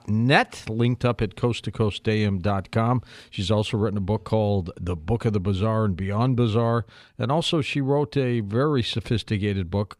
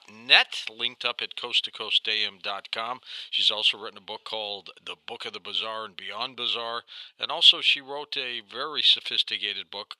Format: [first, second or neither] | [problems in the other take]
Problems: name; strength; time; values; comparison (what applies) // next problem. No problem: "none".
first | thin; very; fading below 800 Hz